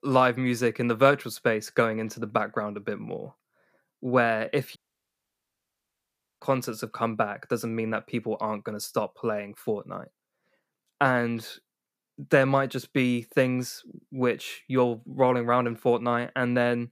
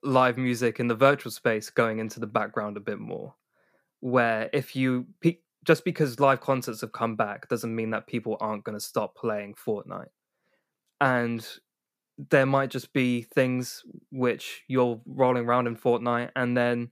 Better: second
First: audio cutting out; at 5 s for 1.5 s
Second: none

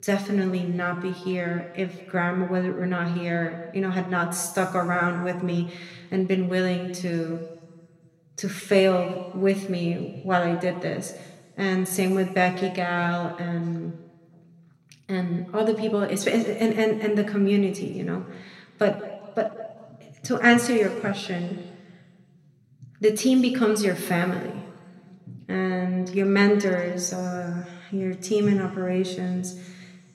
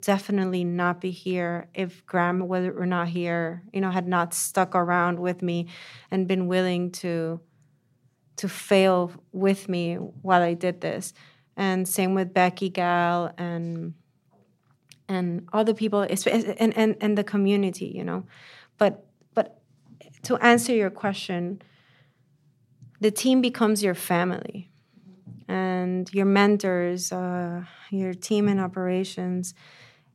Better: second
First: room echo; slight; dies away in 1.5 s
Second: none

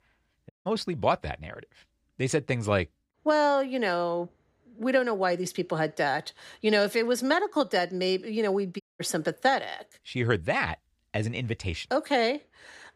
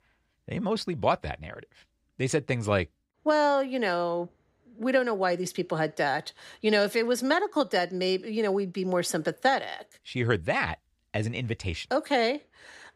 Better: second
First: audio cutting out; at 0.5 s and at 9 s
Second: none

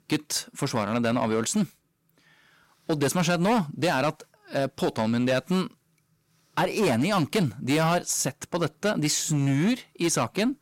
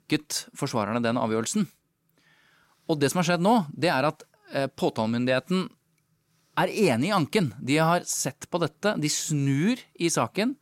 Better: second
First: distortion; slight; 9% of the sound clipped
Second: none

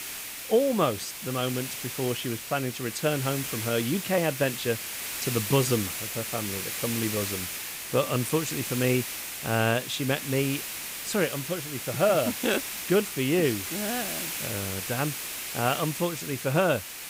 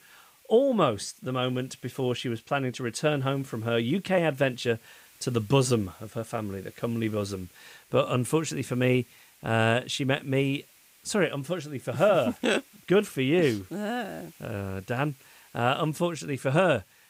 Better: second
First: hiss; loud; throughout; 4 dB below the speech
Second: hiss; faint; throughout; 25 dB below the speech

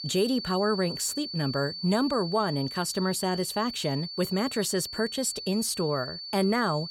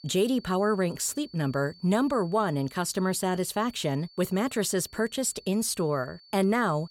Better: second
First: high-pitched whine; loud; throughout; 4.5 kHz, 7 dB below the speech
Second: high-pitched whine; faint; throughout; 4.5 kHz, 25 dB below the speech

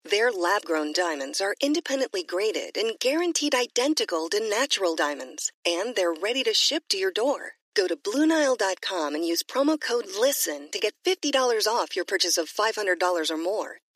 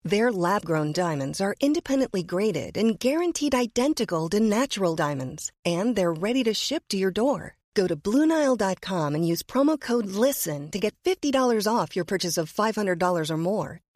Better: second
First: thin; somewhat; fading below 300 Hz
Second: none

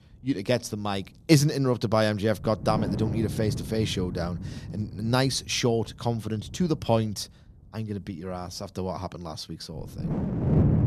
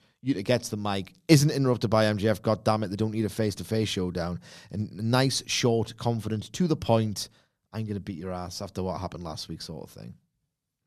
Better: second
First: wind noise on the microphone; heavy; 9 dB below the speech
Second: none

